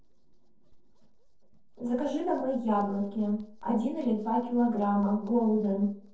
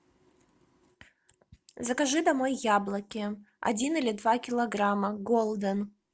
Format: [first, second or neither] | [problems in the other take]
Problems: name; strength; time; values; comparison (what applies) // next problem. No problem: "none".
second | noise reduction (neural separator model SepFormer DNS4)